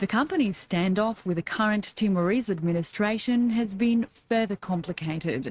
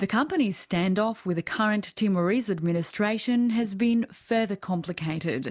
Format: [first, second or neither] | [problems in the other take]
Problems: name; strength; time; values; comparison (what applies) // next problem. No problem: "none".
second | noise reduction (neural mask model RNNoise)